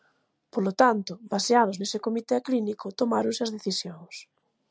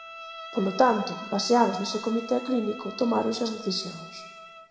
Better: first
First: none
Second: background sound (Bowed string instrument); 14 dB below the speech // room echo; dies away in 1 s

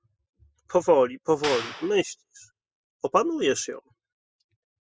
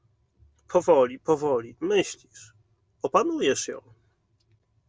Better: second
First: noise reduction (classical method spectral subtraction)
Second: none

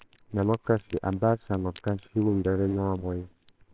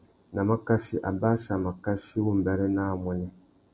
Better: second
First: noise reduction (neural separator model SepFormer WHAMR!)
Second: none

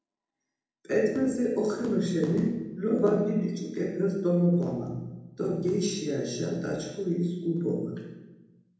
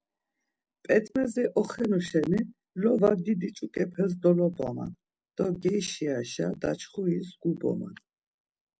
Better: second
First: room echo; dies away in 0.9 s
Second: none

